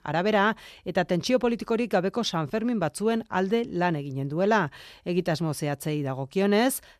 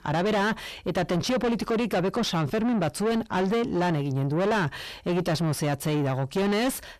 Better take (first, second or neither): first